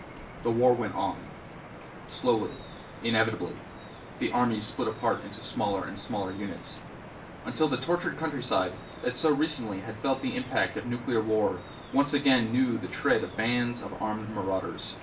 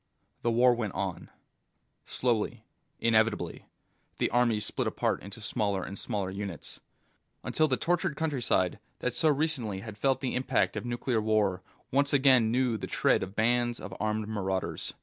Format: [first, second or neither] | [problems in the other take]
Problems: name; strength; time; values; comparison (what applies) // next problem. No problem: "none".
second | background sound (Drip); 14 dB below the speech // room echo; dies away in 0.3 s